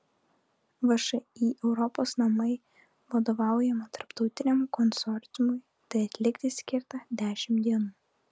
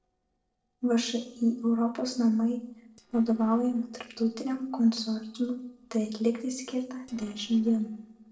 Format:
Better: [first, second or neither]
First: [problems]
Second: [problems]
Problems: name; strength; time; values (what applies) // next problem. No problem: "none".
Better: first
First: none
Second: noise reduction (neural separator model SepFormer DNS4)